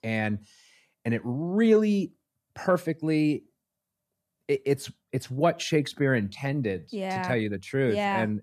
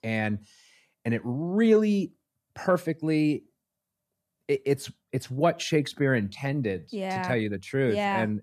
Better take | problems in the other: neither | none

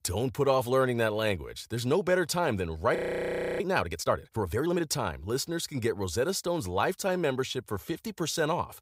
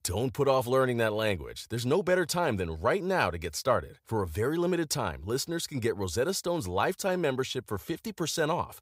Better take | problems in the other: second | audio freezing; at 3 s for 0.5 s

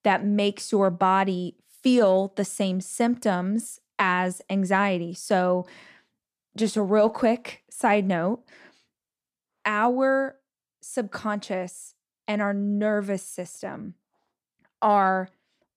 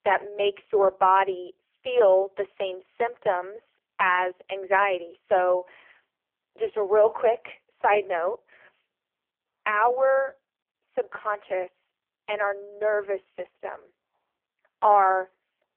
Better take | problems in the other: first | phone-call audio; poor line; nothing above 3 kHz

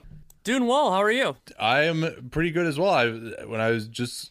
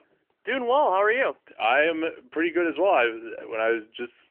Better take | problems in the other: first | phone-call audio; nothing above 3 kHz

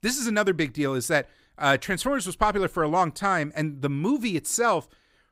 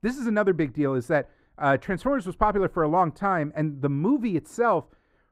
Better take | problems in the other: first | muffled; very; fading above 2.5 kHz

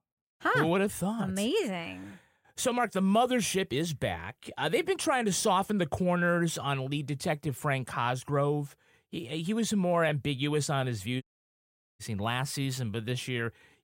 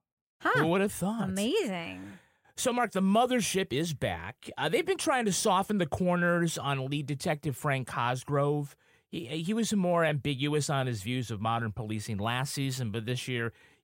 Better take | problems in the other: second | audio cutting out; at 11 s for 1 s

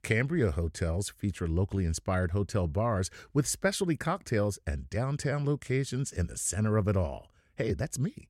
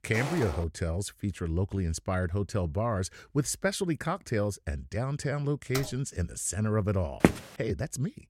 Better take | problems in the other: first | footsteps; noticeable; at the start; peak 5 dB below the speech // keyboard typing; noticeable; at 5.5 s; peak 7 dB below the speech // footsteps; loud; at 7 s; peak 5 dB above the speech

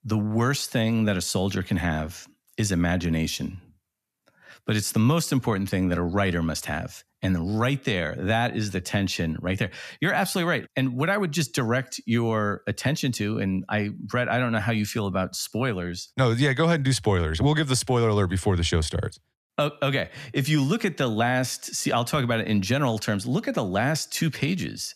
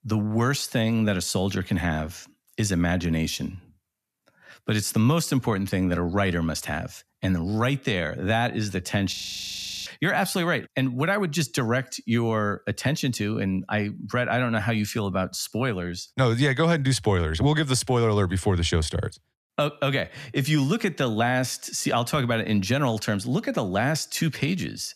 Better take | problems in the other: first | audio freezing; at 9 s for 0.5 s

